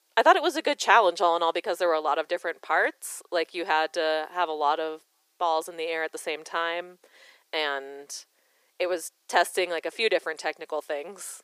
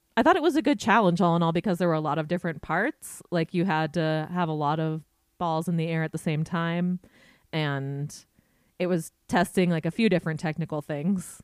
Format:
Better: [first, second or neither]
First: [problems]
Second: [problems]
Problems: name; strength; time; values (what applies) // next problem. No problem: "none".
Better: second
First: thin; very; fading below 400 Hz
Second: none